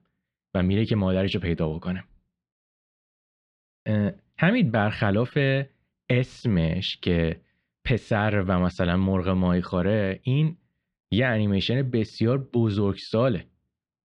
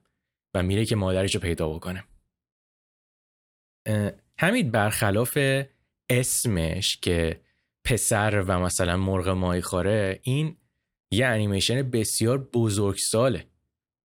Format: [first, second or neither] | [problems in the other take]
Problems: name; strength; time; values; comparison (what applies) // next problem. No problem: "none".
second | muffled; slightly; fading above 4 kHz